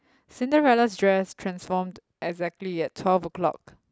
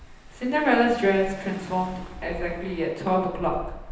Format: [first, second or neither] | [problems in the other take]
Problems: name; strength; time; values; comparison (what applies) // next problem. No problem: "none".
first | background sound (Engine / Car); 13 dB below the speech // room echo; dies away in 0.9 s